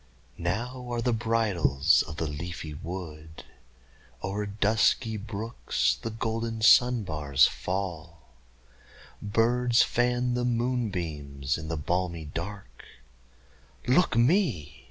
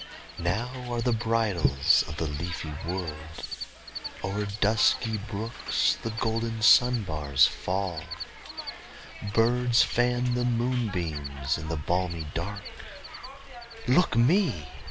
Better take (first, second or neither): first